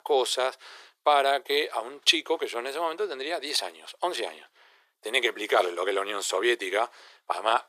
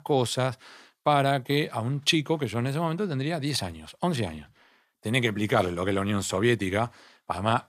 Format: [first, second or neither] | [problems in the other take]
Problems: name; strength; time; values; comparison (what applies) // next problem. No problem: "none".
second | thin; very; fading below 400 Hz